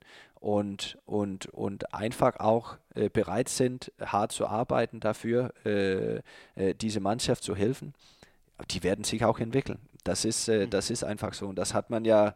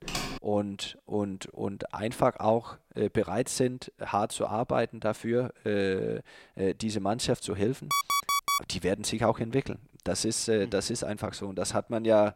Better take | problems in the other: first | keyboard typing; noticeable; at the start; peak 4 dB below the speech // alarm; loud; at 8 s; peak 3 dB above the speech

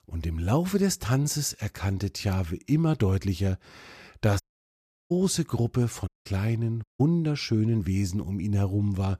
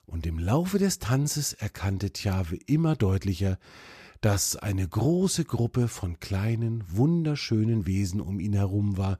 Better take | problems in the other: second | audio cutting out; at 4.5 s for 0.5 s, at 6 s and at 7 s

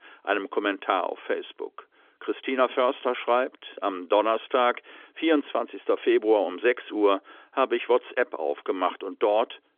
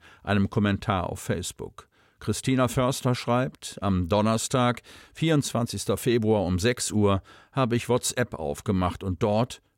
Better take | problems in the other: second | phone-call audio; nothing above 3.5 kHz

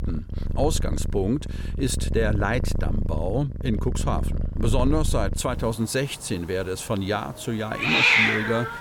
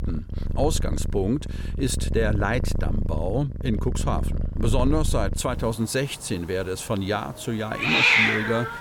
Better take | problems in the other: neither | animal sounds; very loud; throughout; 2 dB above the speech; the same in both

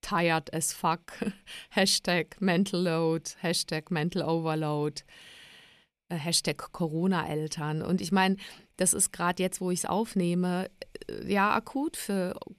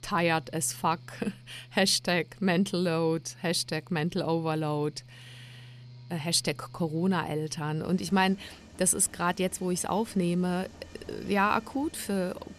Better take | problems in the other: first | machinery noise; faint; throughout; 20 dB below the speech

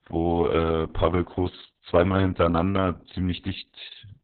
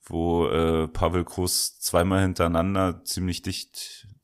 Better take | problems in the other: second | garbled, watery; badly; nothing above 4 kHz

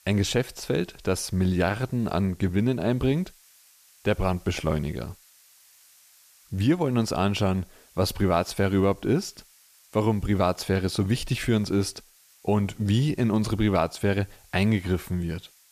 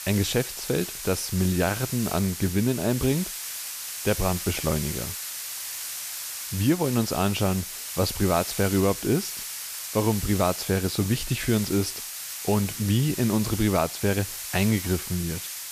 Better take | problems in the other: first | hiss; loud; throughout; 6 dB below the speech; faint in the first

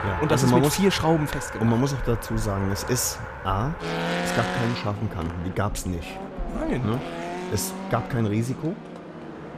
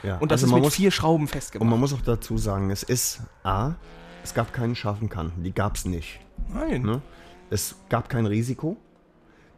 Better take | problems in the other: second | traffic noise; loud; throughout; 7 dB below the speech; faint in the second

